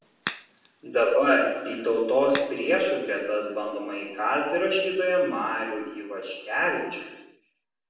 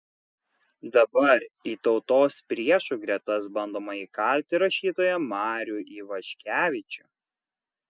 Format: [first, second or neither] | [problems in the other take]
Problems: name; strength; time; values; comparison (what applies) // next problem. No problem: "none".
second | background sound (Crack); 12 dB below the speech // room echo; dies away in 0.9 s